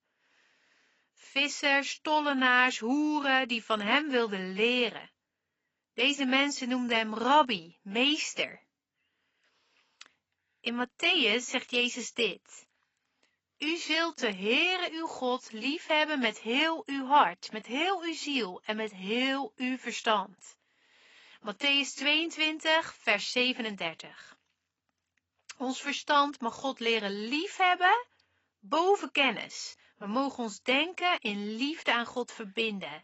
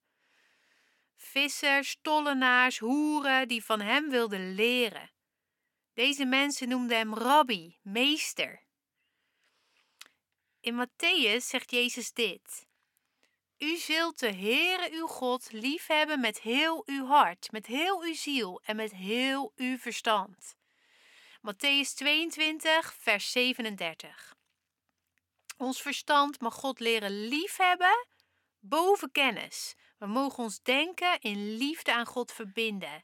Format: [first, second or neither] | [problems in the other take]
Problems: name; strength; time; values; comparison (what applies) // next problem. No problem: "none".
second | garbled, watery; badly; nothing above 7.5 kHz